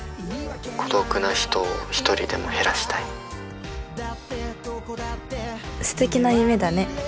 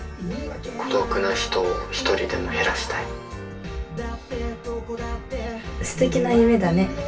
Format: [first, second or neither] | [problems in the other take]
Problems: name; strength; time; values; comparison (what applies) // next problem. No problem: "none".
first | room echo; dies away in 0.2 s